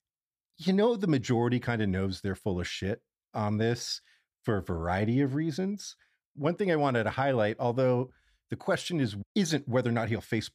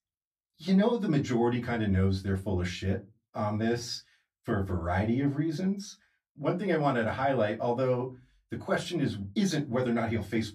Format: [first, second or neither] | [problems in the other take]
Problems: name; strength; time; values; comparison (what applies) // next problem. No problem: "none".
first | off-mic speech; far // room echo; very slight; dies away in 0.2 s